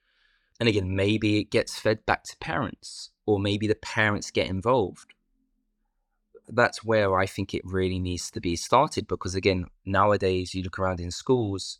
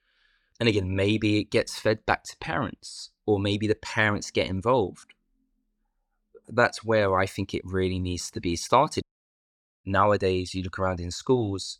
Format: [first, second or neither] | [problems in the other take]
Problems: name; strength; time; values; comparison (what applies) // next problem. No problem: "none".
first | audio cutting out; at 9 s for 1 s